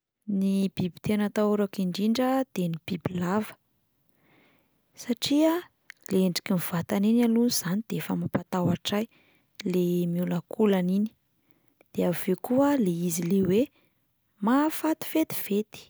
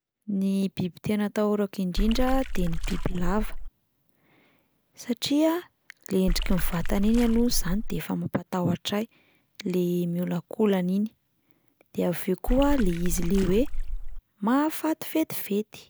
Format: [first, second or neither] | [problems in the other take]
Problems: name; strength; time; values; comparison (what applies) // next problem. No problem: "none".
first | background sound (Water / Splash, splatter); 1 dB above the speech